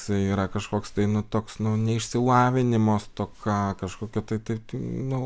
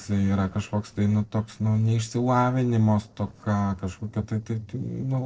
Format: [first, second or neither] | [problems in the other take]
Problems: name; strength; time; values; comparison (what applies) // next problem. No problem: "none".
first | noise reduction (neural separator model SepFormer DNS4)